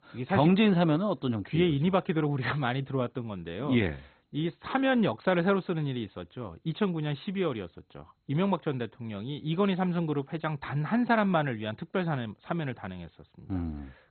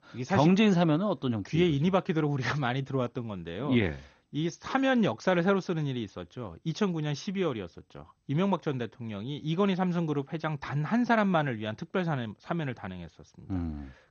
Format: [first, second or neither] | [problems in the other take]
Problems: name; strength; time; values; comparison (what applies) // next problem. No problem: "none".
second | garbled, watery; badly; nothing above 4 kHz; slightly in the second